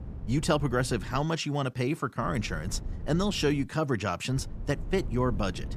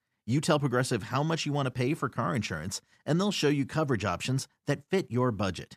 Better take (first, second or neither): second